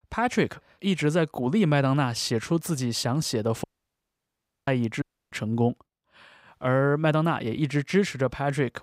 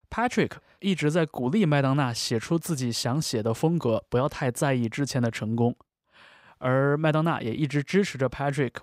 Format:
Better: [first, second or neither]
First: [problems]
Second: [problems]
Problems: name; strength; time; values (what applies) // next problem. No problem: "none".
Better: second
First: audio cutting out; at 3.5 s for 1 s and at 5 s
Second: none